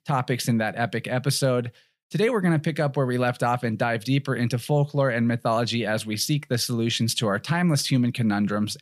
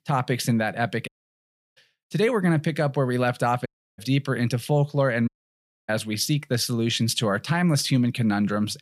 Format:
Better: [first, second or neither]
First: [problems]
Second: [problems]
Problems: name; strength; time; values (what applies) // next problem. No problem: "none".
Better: first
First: none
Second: audio cutting out; at 1 s for 0.5 s, at 3.5 s and at 5.5 s for 0.5 s